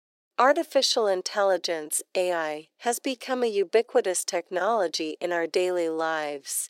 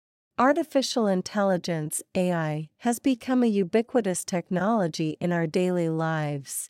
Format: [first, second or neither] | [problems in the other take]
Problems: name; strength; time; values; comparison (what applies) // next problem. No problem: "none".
second | thin; very; fading below 400 Hz